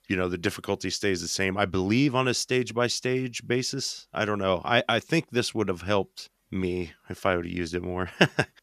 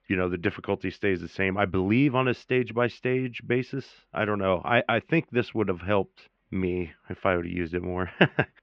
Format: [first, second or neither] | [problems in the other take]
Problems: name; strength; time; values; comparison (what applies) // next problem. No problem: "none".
first | muffled; very; fading above 2.5 kHz